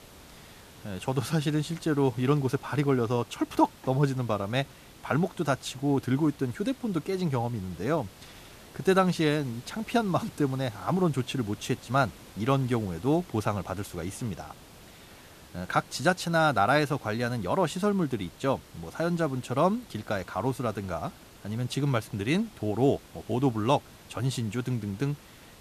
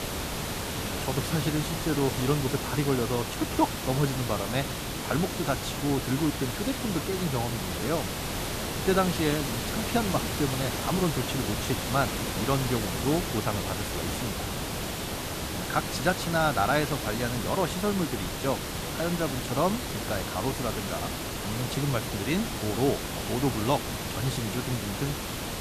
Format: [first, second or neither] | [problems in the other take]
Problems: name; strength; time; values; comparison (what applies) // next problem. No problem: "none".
first | hiss; loud; throughout; 2 dB below the speech; faint in the first